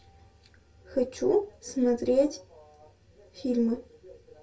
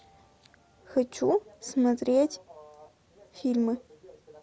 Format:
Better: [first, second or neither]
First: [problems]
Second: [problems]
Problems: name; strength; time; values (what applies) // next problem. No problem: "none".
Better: second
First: room echo; dies away in 0.2 s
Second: none